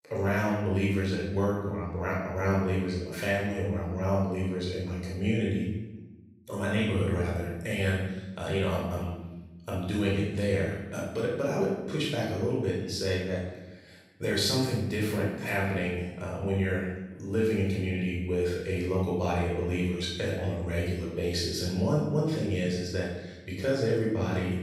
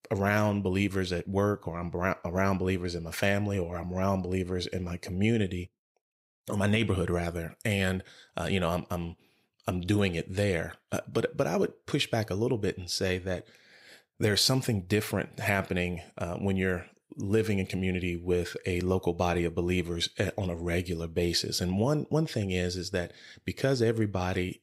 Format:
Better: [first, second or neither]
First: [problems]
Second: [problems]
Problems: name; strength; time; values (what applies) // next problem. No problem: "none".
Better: second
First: off-mic speech; far // room echo; noticeable; dies away in 0.9 s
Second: none